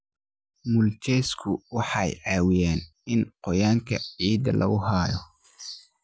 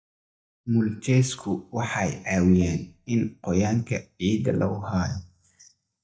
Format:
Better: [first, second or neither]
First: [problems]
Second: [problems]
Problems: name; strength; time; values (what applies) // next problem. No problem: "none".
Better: first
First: none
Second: noise reduction (neural mask model DeepFilterNet 3)